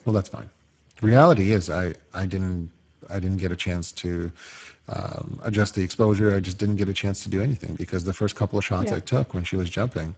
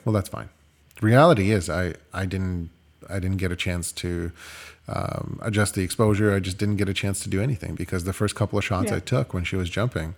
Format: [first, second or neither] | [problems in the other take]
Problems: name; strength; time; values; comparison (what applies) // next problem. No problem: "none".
second | garbled, watery; badly; nothing above 7.5 kHz